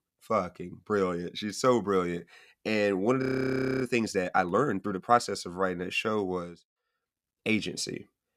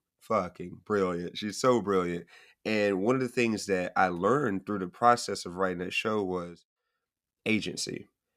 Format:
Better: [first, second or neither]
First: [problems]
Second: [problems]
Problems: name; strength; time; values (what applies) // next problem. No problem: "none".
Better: second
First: audio freezing; at 3 s for 0.5 s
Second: none